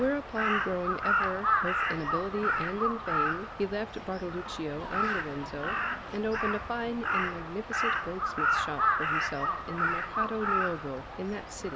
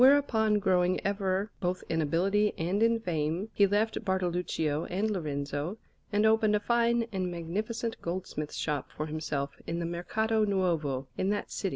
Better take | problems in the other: second | background sound (Crow); 3 dB above the speech

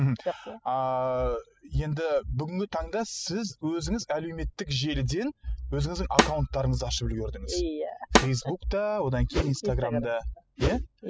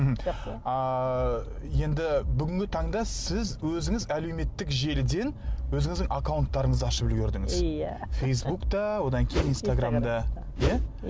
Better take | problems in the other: second | noise reduction (classical method spectral subtraction)

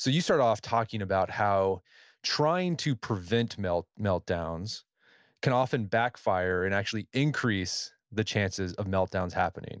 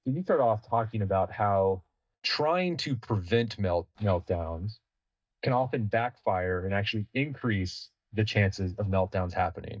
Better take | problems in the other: first | noise reduction (neural mask model DeepFilterNet 3)

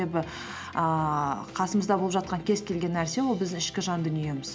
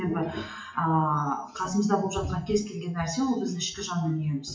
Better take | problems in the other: first | noise reduction (classical method WPE with log-MMSE)

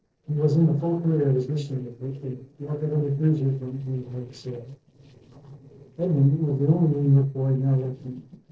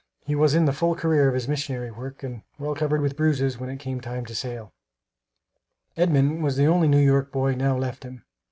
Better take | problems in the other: second | noise reduction (neural separator model SepFormer DNS4)

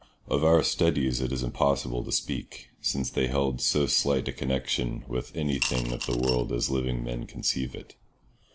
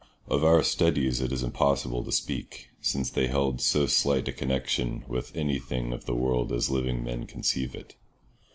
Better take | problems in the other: second | background sound (Coin (dropping) / Glass); 7 dB below the speech

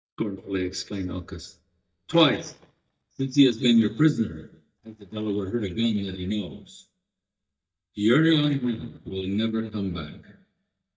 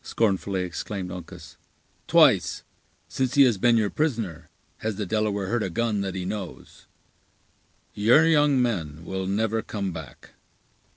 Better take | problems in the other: second | noise reduction (neural mask model DeepFilterNet 3)

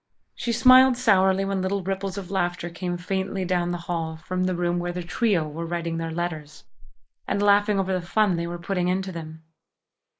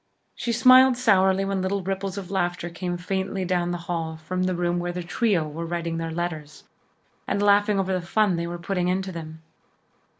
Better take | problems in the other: second | noise reduction (neural mask model Resemble Enhance denoiser)

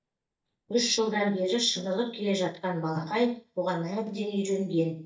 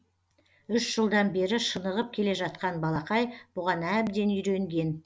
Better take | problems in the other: second | noise reduction (neural mask model DeepFilterNet 3)

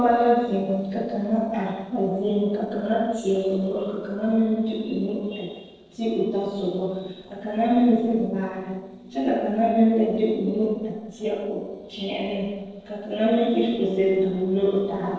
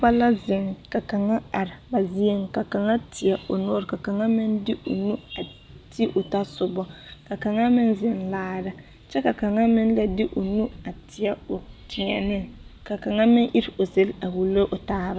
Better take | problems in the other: second | noise reduction (neural separator model SepFormer DNS4)

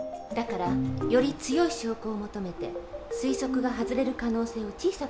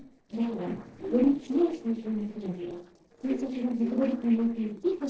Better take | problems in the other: first | noise reduction (neural separator model SepFormer DNS4)

